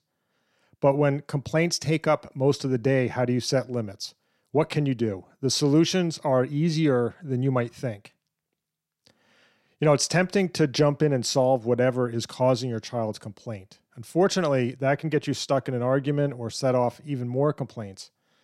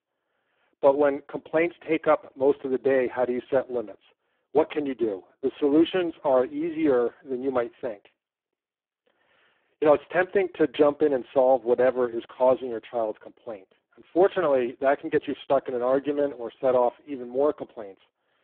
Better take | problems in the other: first | phone-call audio; poor line

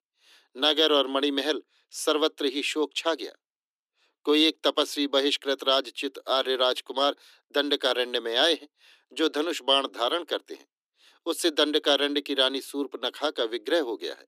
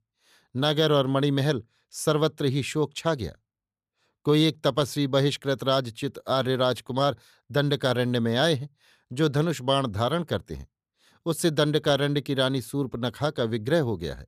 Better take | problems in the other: second | thin; very slightly; fading below 300 Hz

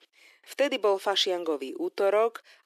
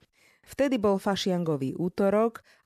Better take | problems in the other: second | thin; somewhat; fading below 350 Hz

